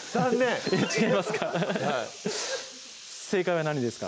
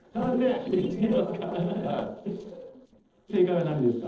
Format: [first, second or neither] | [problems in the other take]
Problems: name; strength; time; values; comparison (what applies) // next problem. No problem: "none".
first | noise reduction (neural separator model SepFormer DNS4)